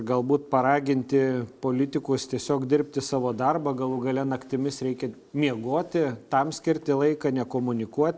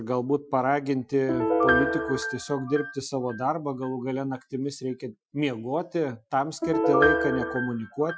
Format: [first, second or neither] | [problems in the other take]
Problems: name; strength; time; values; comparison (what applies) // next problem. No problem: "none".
first | noise reduction (classical method Wiener filter)